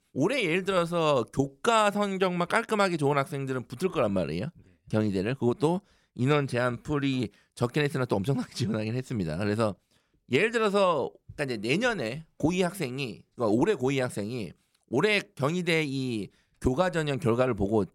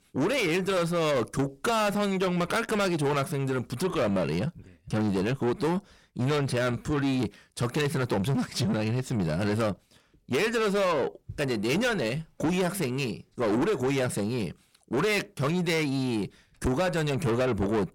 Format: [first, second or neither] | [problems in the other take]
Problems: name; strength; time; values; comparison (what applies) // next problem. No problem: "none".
first | distortion; heavy; 6 dB below the speech